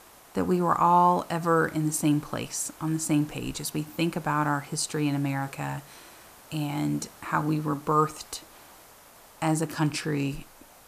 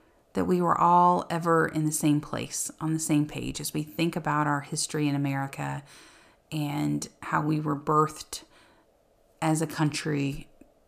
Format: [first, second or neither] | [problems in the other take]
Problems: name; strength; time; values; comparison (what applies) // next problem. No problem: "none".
second | hiss; faint; throughout; 25 dB below the speech